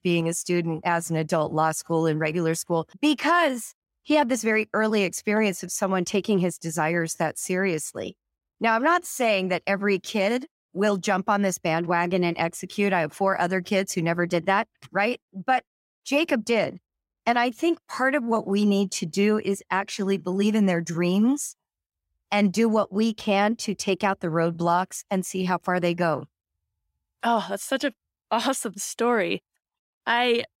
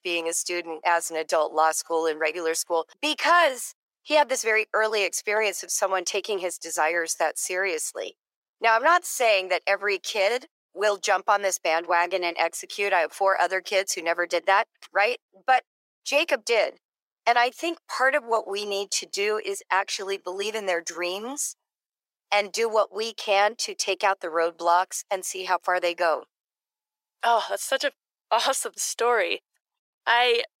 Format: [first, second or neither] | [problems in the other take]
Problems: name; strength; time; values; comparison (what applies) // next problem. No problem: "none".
first | thin; very; fading below 450 Hz